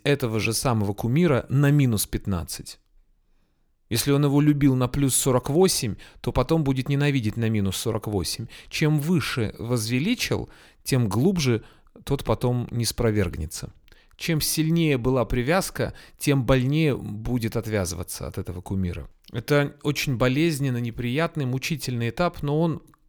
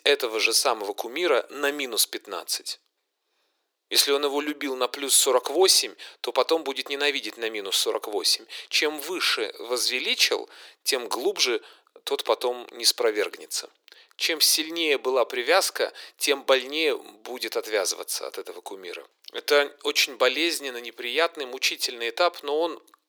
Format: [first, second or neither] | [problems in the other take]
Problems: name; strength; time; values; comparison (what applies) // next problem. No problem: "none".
first | thin; very; fading below 400 Hz